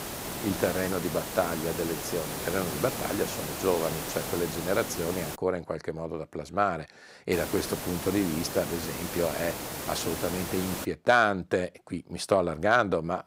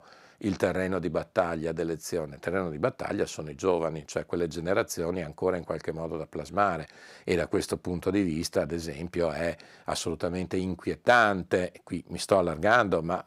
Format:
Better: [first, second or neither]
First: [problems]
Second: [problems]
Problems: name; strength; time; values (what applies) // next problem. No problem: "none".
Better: second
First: hiss; loud; until 5.5 s and from 7.5 to 11 s; 5 dB below the speech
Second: none